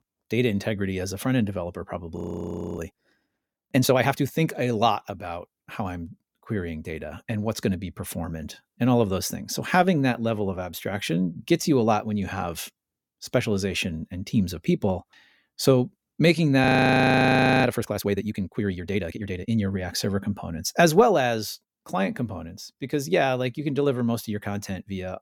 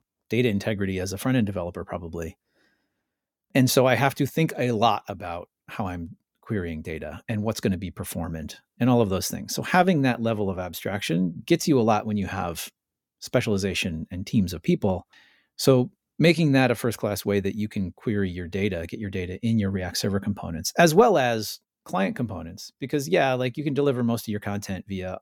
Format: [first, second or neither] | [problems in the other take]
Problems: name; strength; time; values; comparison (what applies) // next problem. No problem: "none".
second | audio freezing; at 2 s for 0.5 s and at 17 s for 1 s